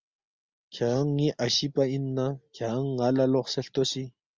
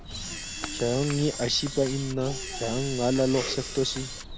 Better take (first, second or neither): first